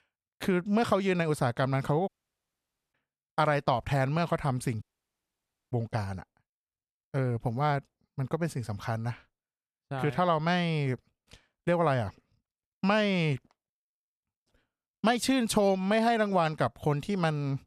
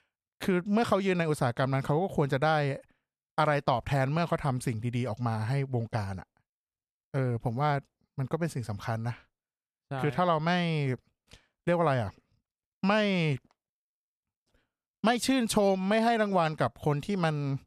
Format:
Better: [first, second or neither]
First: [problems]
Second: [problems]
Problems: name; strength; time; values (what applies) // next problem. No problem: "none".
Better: second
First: audio cutting out; at 2 s for 1 s and at 5 s for 1 s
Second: none